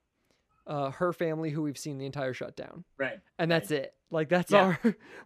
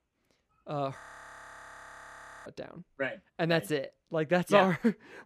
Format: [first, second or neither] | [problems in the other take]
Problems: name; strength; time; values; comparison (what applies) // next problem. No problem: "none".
first | audio freezing; at 1 s for 1.5 s